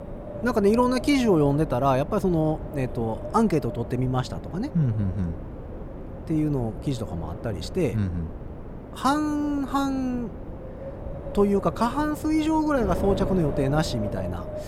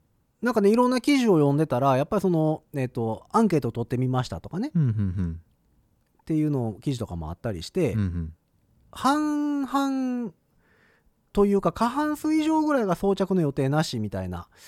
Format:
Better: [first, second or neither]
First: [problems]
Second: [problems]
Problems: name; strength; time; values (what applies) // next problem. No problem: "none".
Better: second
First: wind noise on the microphone; occasional gusts; 10 dB below the speech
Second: none